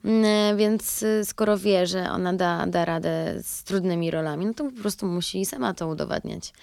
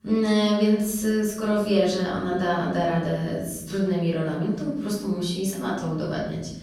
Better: first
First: none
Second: off-mic speech; far // room echo; noticeable; dies away in 1.1 s

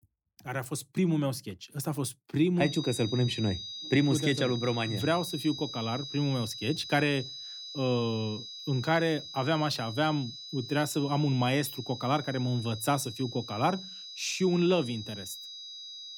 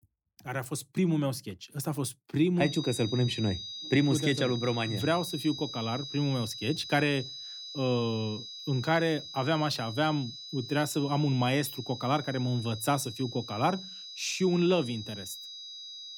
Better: neither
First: high-pitched whine; loud; from 2.5 s on; 4 kHz, 10 dB below the speech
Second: high-pitched whine; loud; from 2.5 s on; 4 kHz, 10 dB below the speech

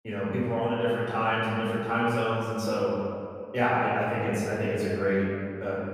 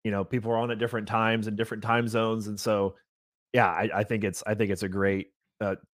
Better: second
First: off-mic speech; far // room echo; strong; dies away in 2 s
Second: none

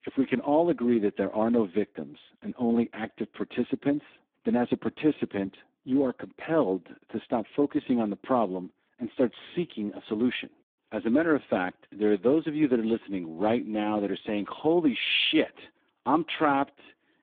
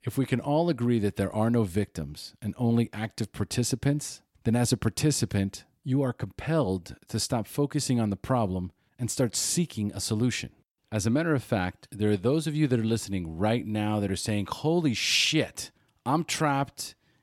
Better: second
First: phone-call audio; poor line; nothing above 3.5 kHz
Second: none

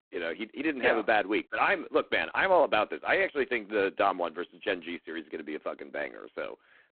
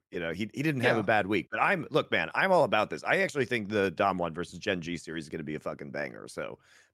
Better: second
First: phone-call audio; poor line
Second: none

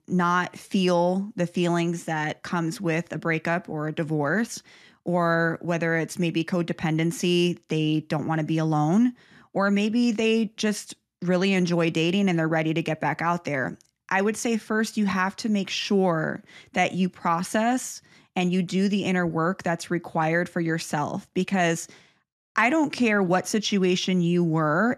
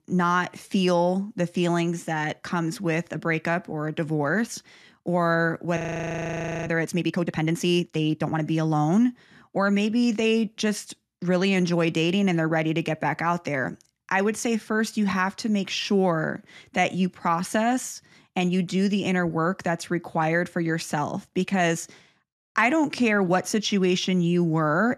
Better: first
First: none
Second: audio freezing; at 6 s for 1 s

